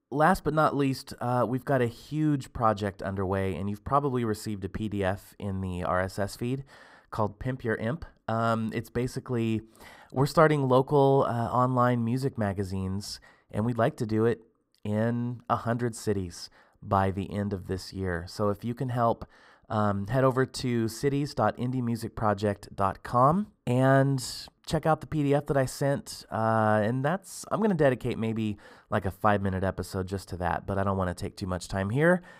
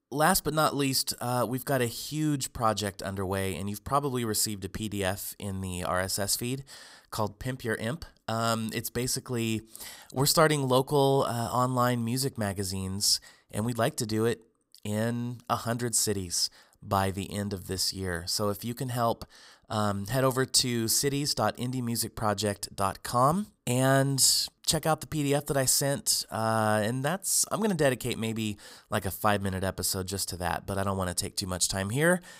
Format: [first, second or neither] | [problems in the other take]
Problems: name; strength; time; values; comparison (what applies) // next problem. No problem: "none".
second | muffled; very; fading above 3 kHz